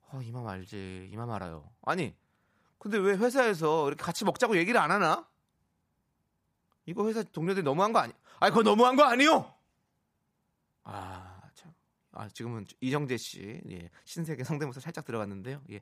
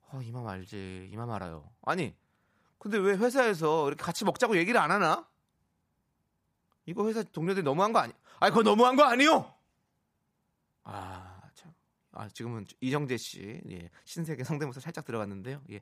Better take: neither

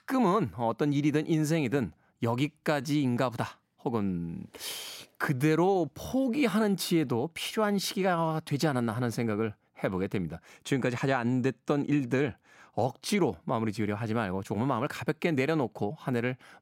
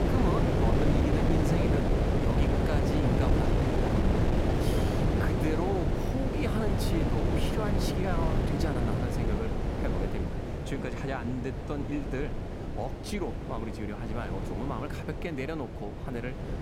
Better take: first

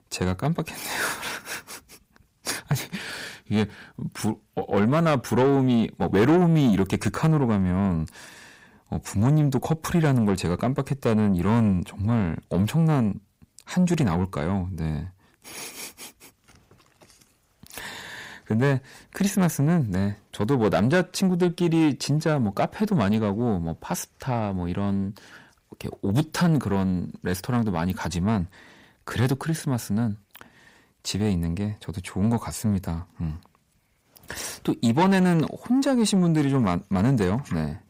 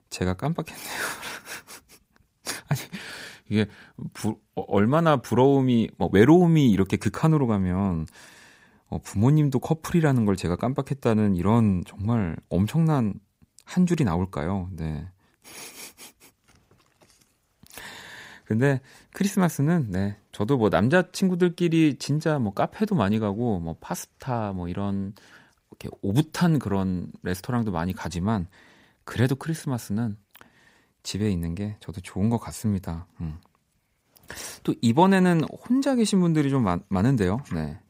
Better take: second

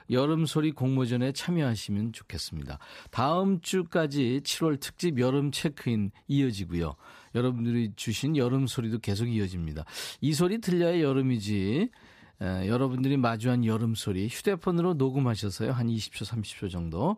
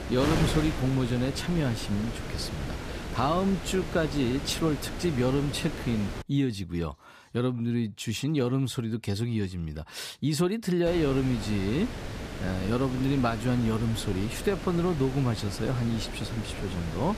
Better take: first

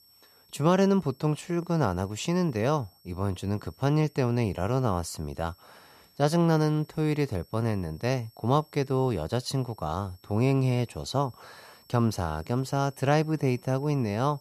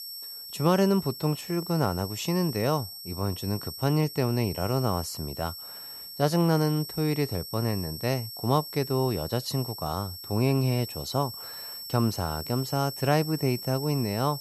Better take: first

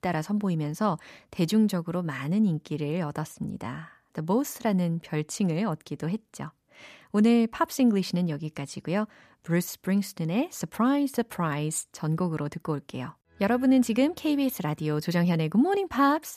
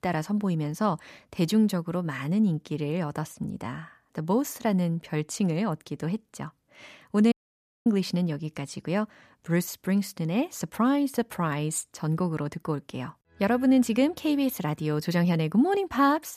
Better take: first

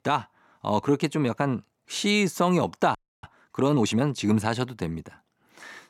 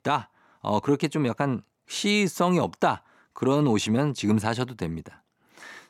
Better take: second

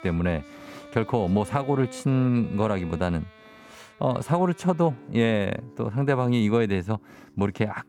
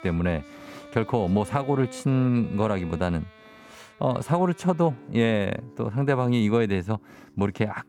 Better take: neither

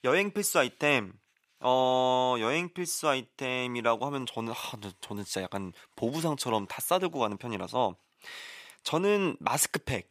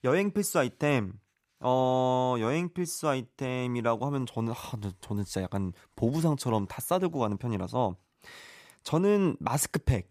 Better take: second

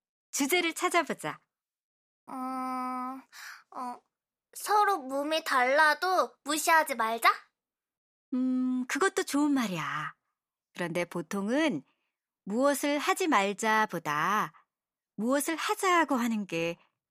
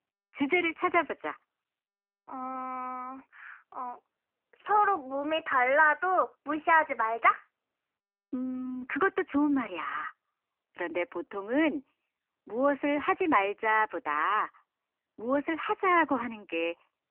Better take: first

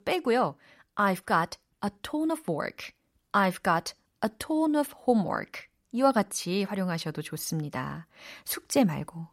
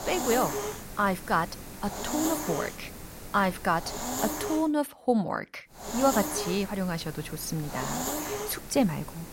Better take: first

